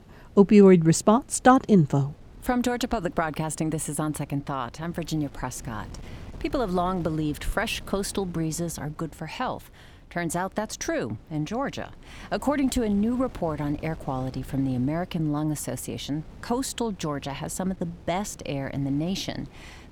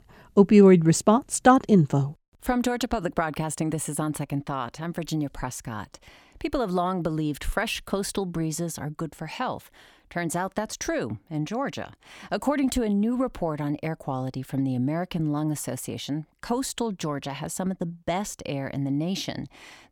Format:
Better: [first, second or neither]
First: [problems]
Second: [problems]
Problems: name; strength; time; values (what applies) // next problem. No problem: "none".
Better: second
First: wind noise on the microphone; occasional gusts; 25 dB below the speech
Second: none